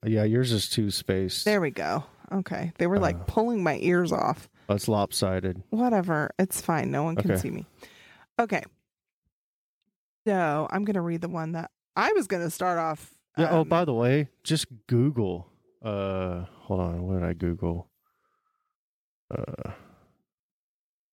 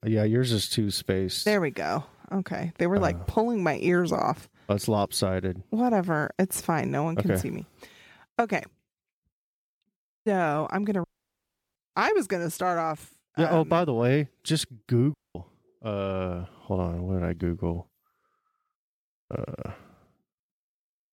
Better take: first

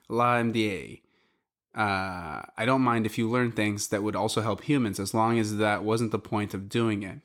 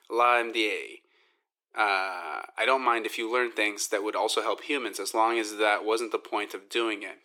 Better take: first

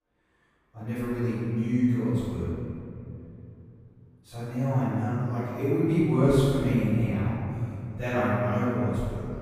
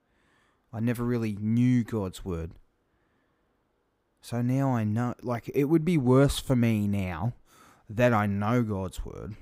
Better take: second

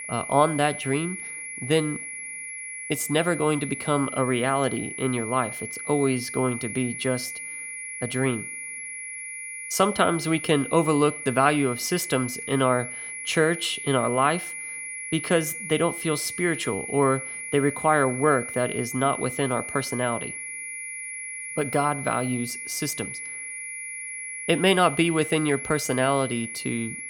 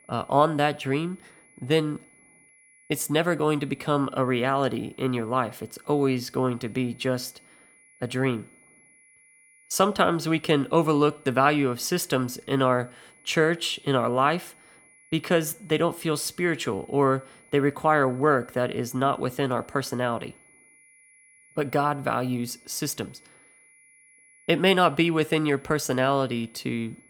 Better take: second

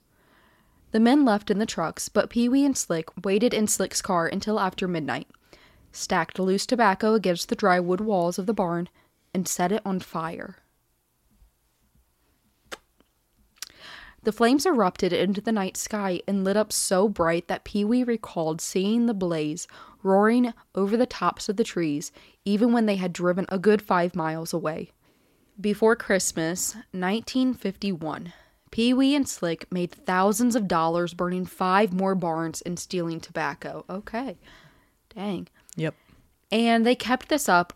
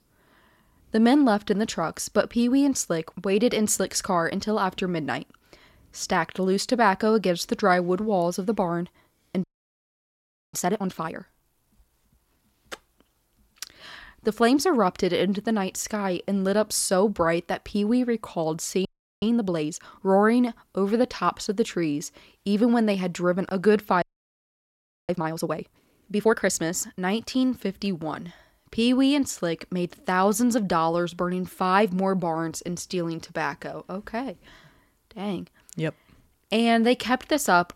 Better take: first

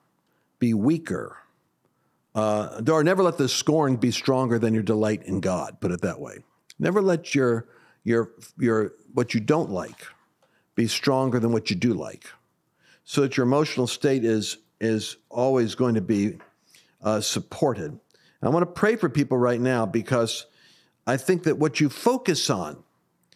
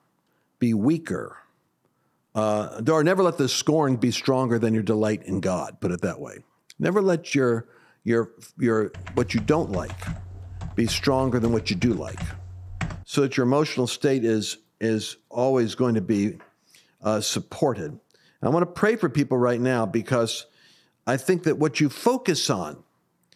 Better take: first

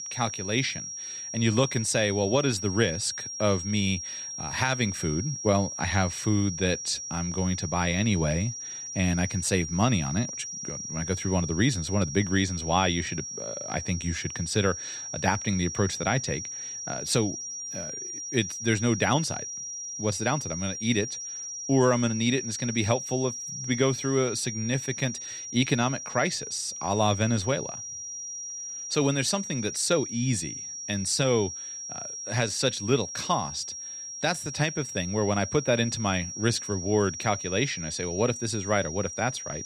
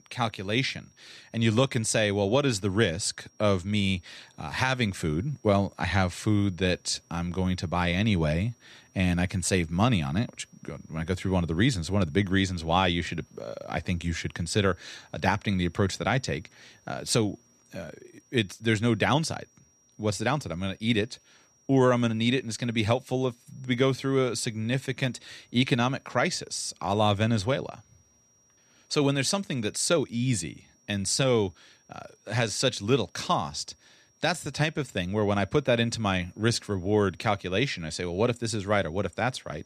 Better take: second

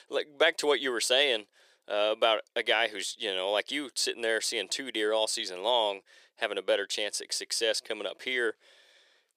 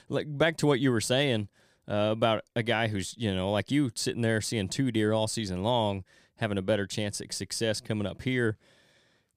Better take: second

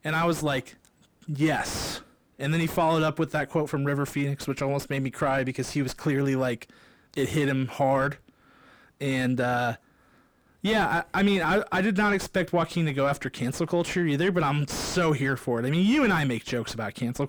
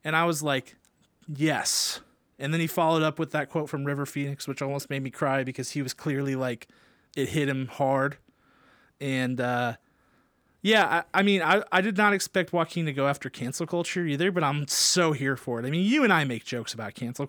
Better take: second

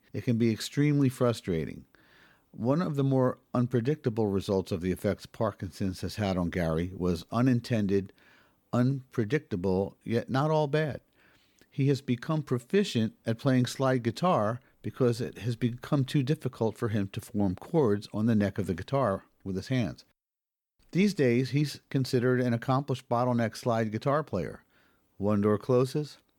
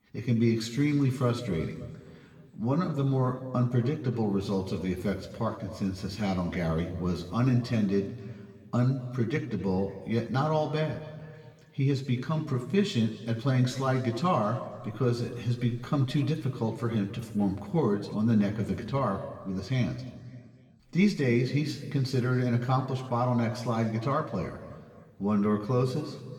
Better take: first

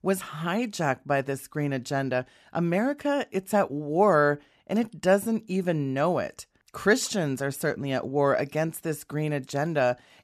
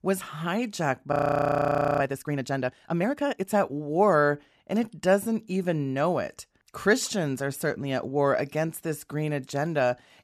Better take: first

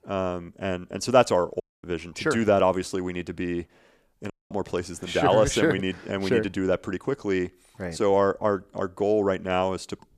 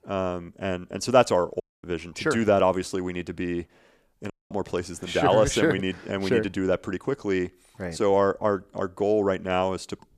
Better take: neither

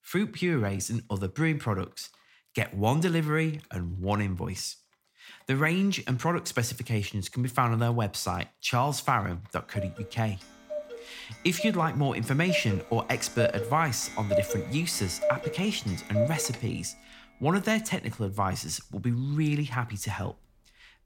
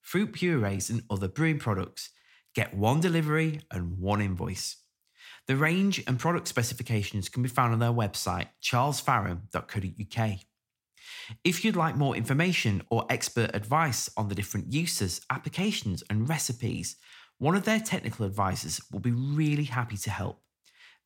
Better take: second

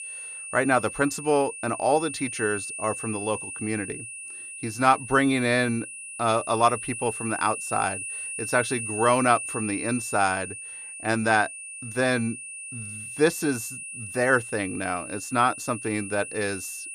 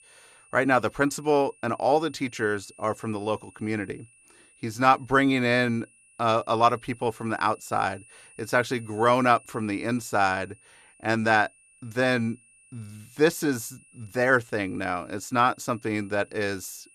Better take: second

